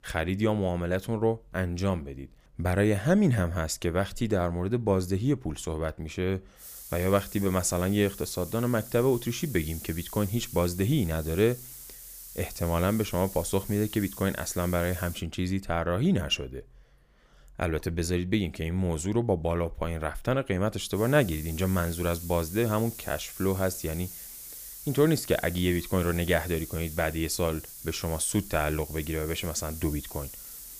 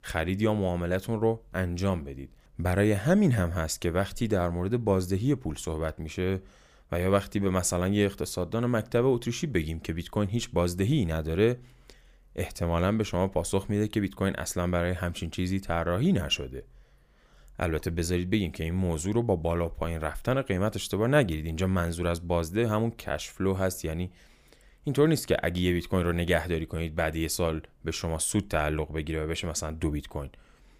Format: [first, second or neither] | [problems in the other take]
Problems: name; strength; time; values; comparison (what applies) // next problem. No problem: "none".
second | hiss; noticeable; from 6.5 to 15 s and from 21 s on; 10 dB below the speech